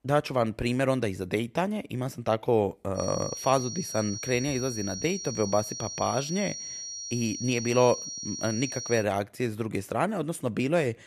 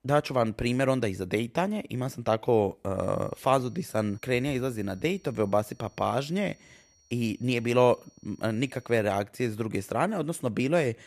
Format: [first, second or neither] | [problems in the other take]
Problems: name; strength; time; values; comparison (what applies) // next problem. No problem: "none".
second | high-pitched whine; loud; from 3 to 9 s; 5.5 kHz, 6 dB below the speech; faint in the second